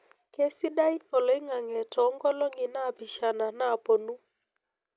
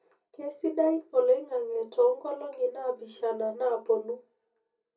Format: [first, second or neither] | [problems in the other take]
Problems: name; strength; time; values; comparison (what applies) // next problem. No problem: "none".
first | room echo; dies away in 0.3 s